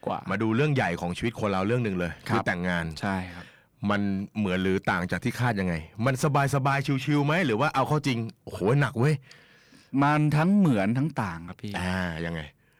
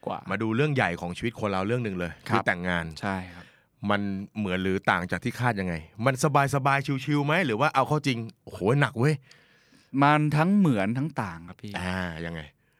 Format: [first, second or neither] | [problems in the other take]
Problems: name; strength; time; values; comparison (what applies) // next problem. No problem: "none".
second | distortion; slight; 10 dB below the speech